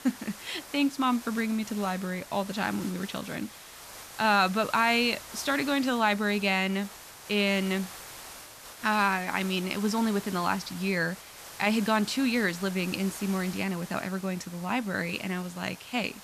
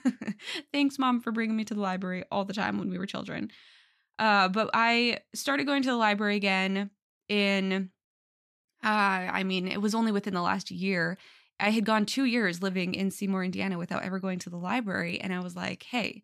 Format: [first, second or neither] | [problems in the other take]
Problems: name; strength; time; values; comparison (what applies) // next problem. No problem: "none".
second | hiss; noticeable; throughout; 15 dB below the speech